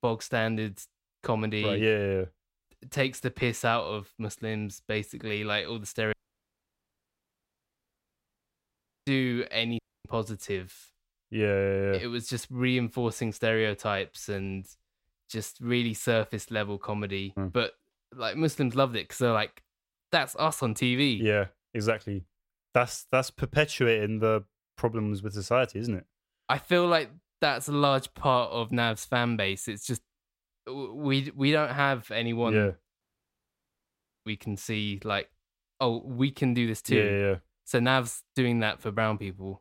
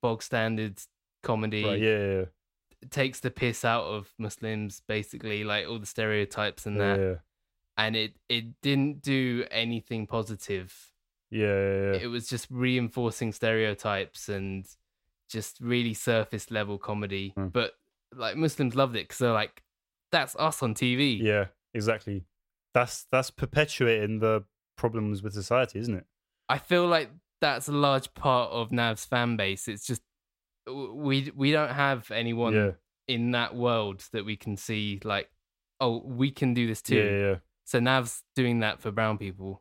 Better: second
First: audio cutting out; at 6 s for 3 s, at 10 s and at 33 s for 1.5 s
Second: none

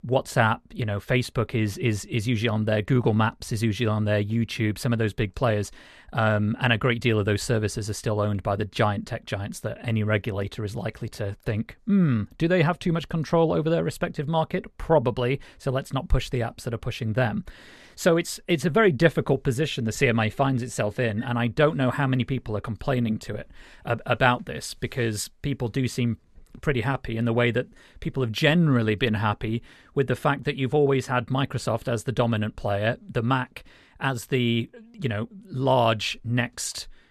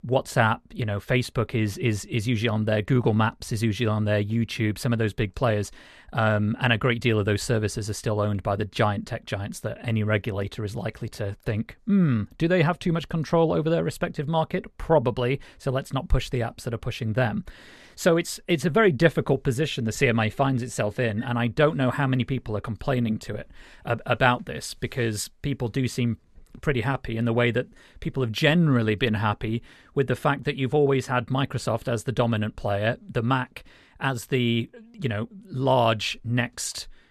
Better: neither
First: none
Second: none

